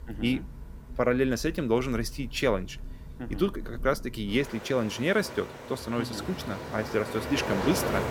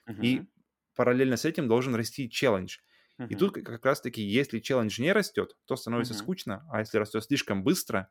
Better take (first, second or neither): second